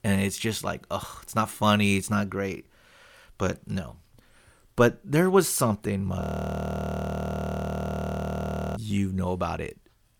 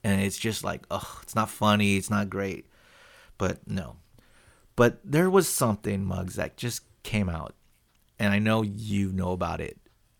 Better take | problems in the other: second | audio freezing; at 6 s for 2.5 s

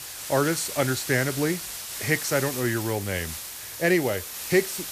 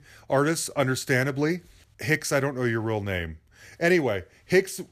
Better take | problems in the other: second | hiss; loud; throughout; 6 dB below the speech

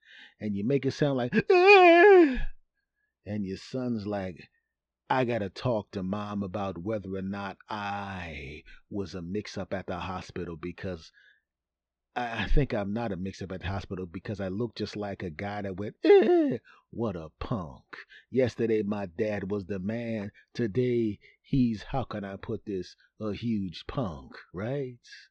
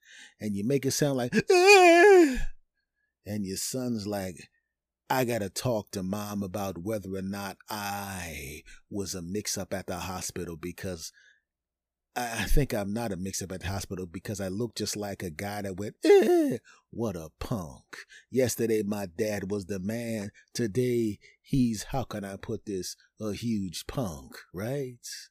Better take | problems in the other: second | muffled; slightly; fading above 3.5 kHz

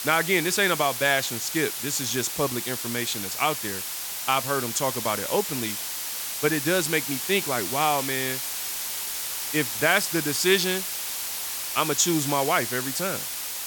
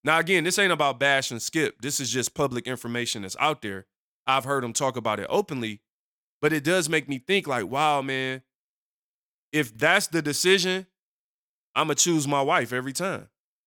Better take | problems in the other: second | hiss; loud; throughout; 3 dB below the speech

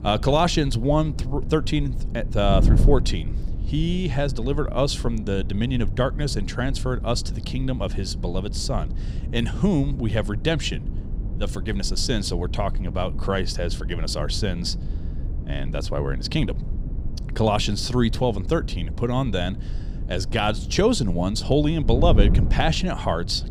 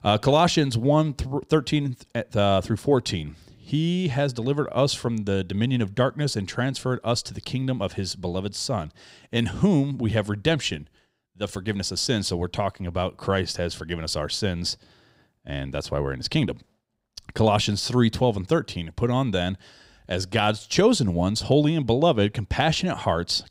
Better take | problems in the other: second | wind noise on the microphone; occasional gusts; 15 dB below the speech

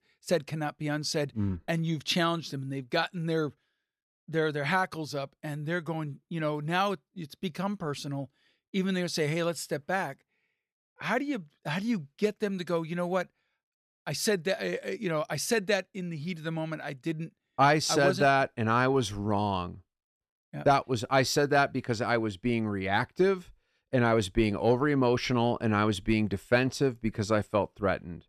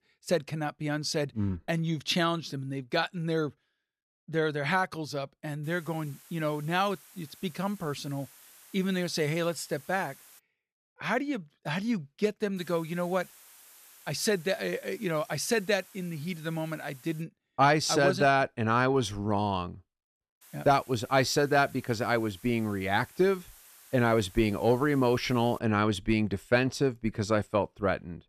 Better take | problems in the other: first | hiss; faint; from 5.5 to 10 s, from 13 to 17 s and from 20 to 26 s; 25 dB below the speech

